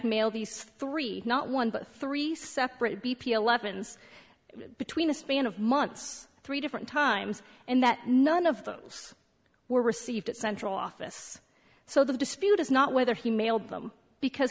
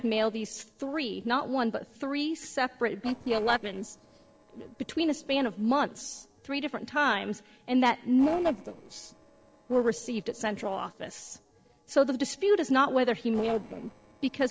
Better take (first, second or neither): first